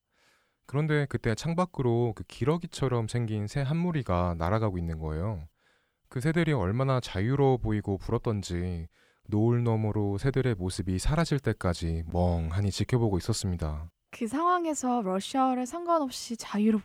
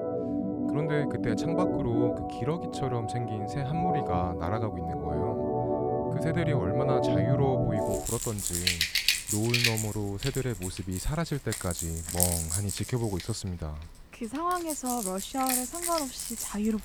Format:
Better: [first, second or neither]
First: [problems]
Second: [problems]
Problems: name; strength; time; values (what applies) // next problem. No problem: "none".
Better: first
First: none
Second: background music; very loud; throughout; 3 dB above the speech